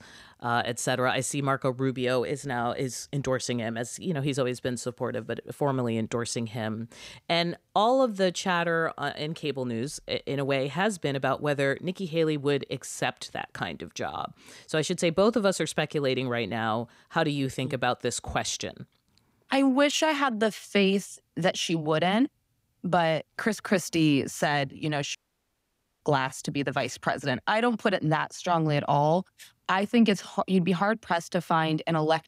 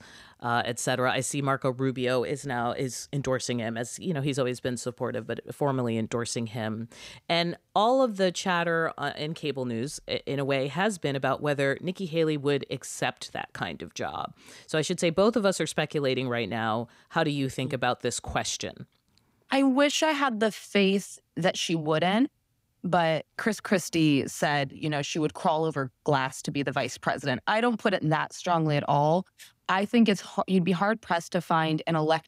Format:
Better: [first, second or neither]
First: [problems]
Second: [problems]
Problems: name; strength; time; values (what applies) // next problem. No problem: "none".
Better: second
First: audio cutting out; at 25 s for 1 s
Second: none